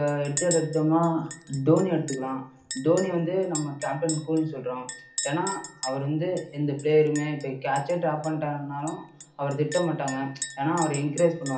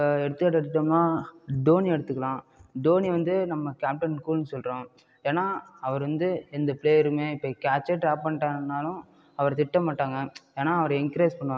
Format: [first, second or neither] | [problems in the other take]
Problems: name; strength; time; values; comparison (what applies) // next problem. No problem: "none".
second | background sound (Chink, clink); 11 dB below the speech // room echo; dies away in 0.4 s